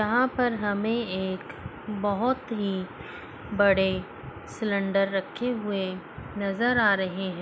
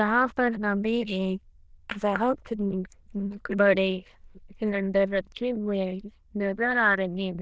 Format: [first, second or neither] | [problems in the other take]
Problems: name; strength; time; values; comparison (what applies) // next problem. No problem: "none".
first | noise reduction (neural diffusion model UNIVERSE++)